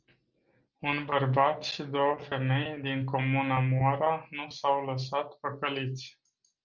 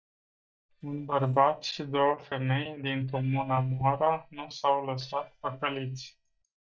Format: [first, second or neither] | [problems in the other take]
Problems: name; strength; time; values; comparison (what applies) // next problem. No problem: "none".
first | noise reduction (neural mask model DeepFilterNet 3)